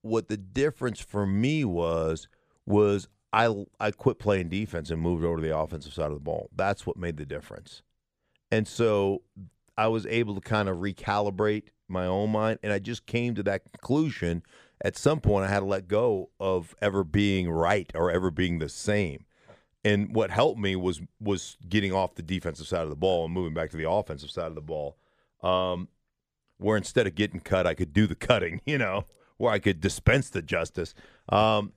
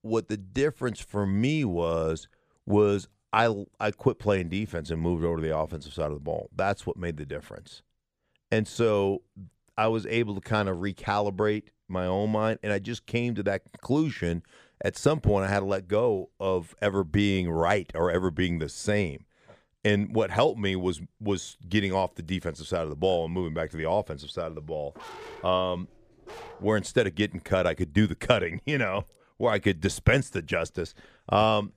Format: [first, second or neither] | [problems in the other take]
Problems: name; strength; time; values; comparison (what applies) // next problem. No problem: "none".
first | dog barking; faint; from 25 to 27 s; peak 15 dB below the speech